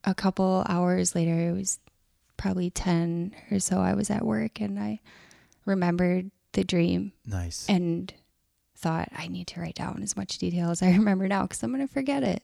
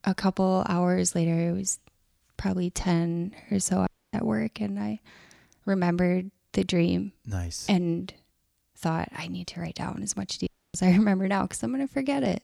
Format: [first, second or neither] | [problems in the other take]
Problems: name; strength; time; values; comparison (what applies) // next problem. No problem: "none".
first | audio cutting out; at 4 s and at 10 s